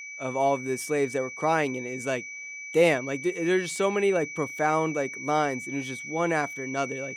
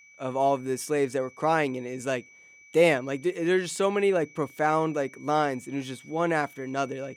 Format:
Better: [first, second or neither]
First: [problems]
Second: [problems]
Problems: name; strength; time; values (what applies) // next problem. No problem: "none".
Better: second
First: high-pitched whine; loud; throughout; 2.5 kHz, 9 dB below the speech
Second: high-pitched whine; faint; throughout; 2.5 kHz, 25 dB below the speech